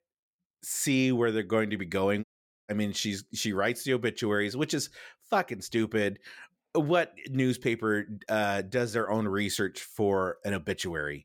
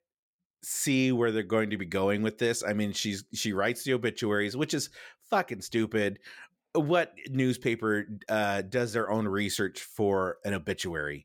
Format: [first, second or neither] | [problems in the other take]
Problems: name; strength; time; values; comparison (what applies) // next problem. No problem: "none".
second | audio cutting out; at 2 s